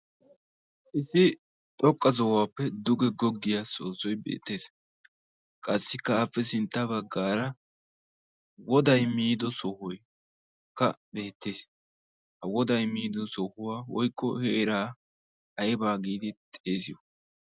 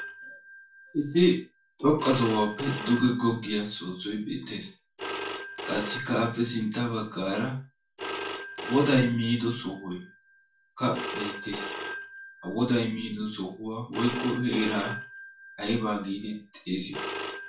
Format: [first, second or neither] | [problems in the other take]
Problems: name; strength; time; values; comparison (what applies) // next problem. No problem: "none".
first | background sound (Telephone); 10 dB below the speech // room echo; dies away in 0.3 s